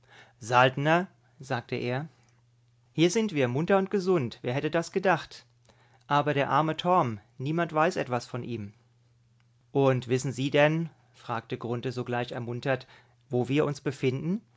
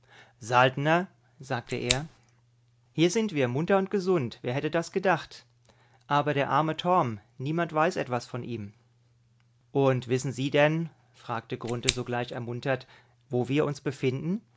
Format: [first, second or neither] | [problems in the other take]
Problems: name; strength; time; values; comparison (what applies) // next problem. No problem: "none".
first | background sound (Scissors); 4 dB below the speech